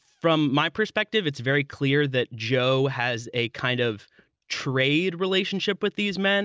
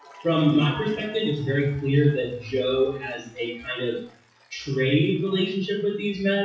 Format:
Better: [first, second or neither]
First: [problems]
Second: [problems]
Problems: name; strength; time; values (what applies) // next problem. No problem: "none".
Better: first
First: none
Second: noise reduction (classical method WPE with log-MMSE)